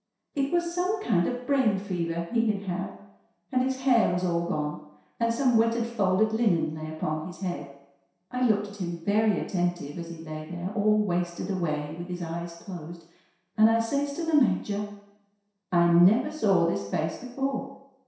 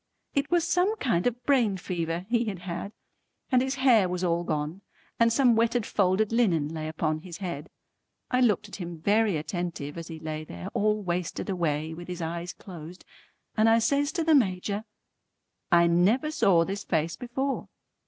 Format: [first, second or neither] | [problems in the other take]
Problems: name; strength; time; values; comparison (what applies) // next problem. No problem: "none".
second | room echo; dies away in 0.7 s